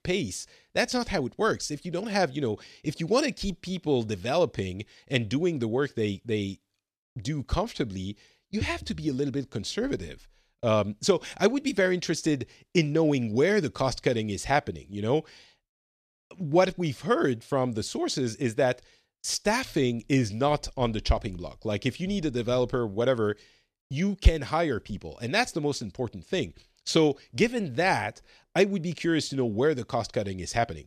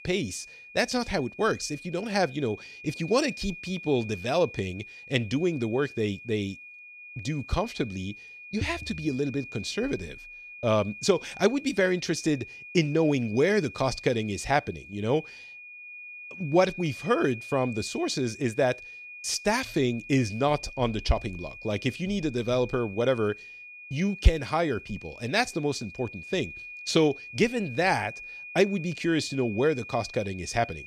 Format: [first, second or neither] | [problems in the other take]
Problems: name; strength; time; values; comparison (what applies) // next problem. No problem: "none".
first | high-pitched whine; noticeable; throughout; 2.5 kHz, 15 dB below the speech